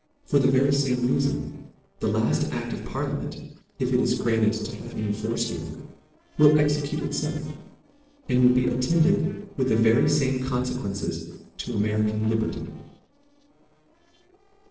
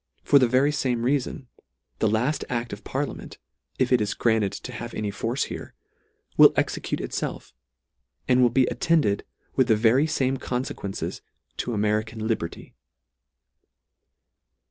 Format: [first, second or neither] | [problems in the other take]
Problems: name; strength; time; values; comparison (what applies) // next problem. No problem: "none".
second | noise reduction (neural separator model SepFormer DNS4)